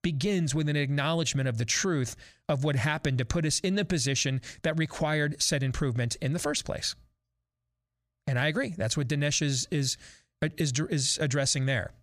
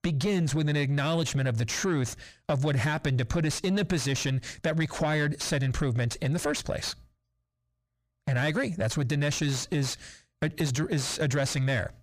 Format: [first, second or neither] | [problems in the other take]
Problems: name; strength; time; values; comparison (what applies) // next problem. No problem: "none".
first | distortion; slight; 9 dB below the speech